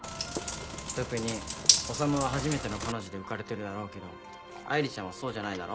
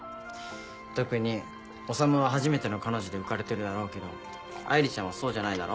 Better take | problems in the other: second | background sound (Bathtub (filling or washing)); 2 dB above the speech

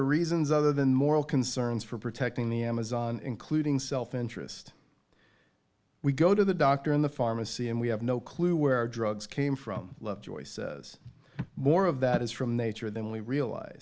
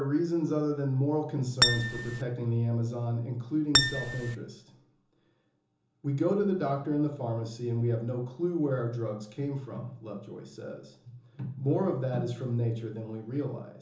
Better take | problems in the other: first | background sound (Acoustic guitar); 3 dB above the speech // room echo; dies away in 0.6 s

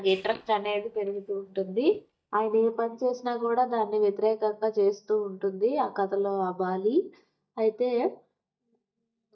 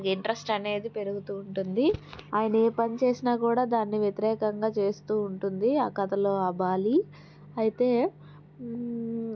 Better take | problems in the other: second | noise reduction (neural mask model DeepFilterNet 3)

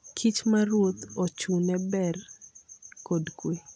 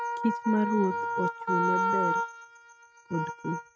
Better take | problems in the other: first | noise reduction (neural mask model RNNoise)

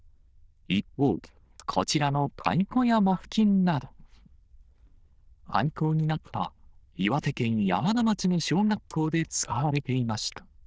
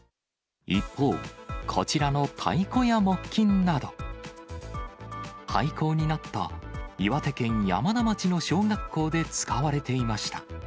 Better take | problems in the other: second | noise reduction (neural diffusion model UNIVERSE++)

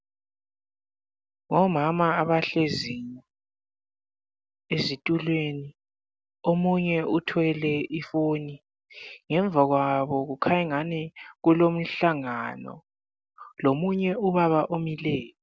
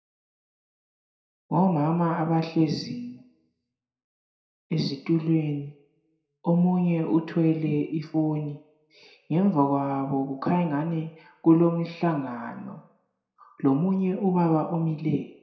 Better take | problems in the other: first | room echo; dies away in 0.5 s

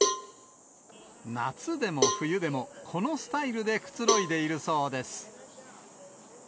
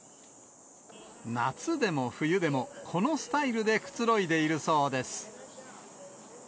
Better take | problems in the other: second | background sound (Cowbell); 2 dB below the speech

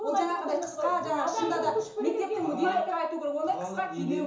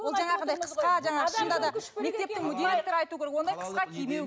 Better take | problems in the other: second | room echo; dies away in 0.7 s

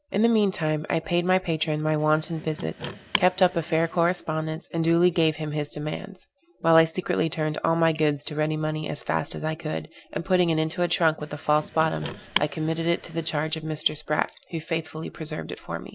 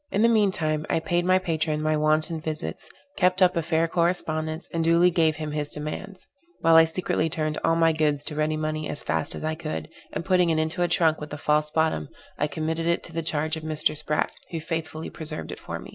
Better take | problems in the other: second | background sound (Car); 11 dB below the speech

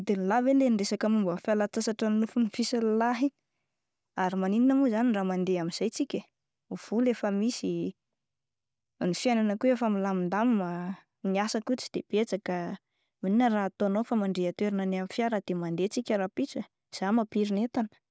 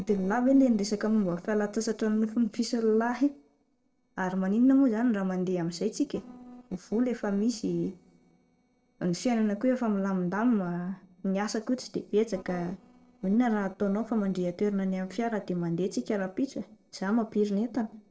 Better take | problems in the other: first | noise reduction (neural separator model SepFormer DNS4)

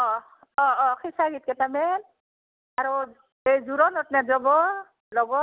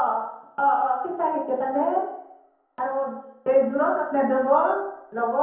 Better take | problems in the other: first | background sound (Wind instrument, woodwind instrument); 20 dB below the speech // room echo; dies away in 0.9 s

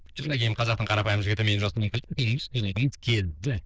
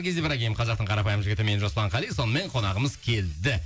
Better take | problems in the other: second | noise reduction (neural diffusion model UNIVERSE++)

